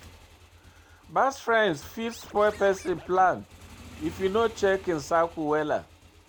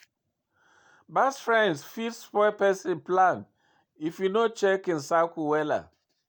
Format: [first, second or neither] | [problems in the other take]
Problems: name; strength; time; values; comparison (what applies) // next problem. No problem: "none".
second | background sound (Motorcycle / Engine + Scratching (performance technique)); 20 dB below the speech